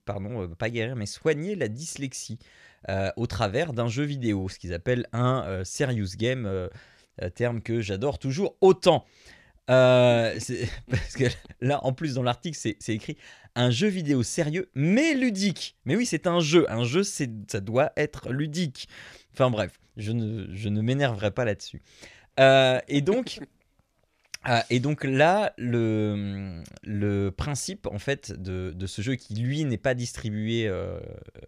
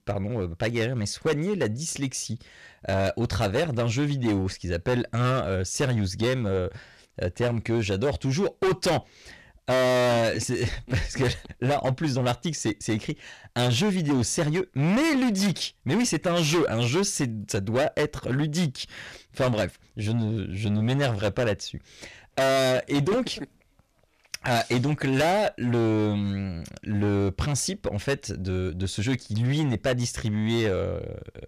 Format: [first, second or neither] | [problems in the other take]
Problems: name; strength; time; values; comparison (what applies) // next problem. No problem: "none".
first | distortion; heavy; 14% of the sound clipped